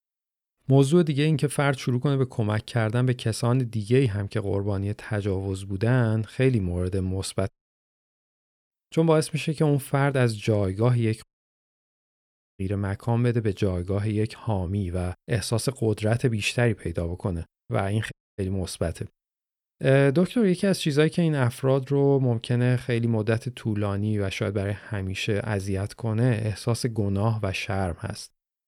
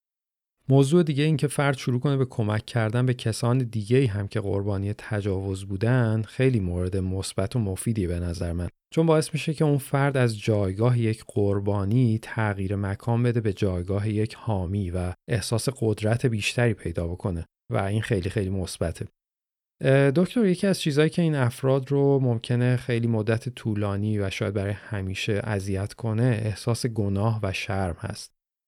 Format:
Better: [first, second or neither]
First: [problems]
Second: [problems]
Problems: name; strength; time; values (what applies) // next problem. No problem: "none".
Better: second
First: audio cutting out; at 7.5 s for 1 s, at 11 s for 1.5 s and at 18 s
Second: none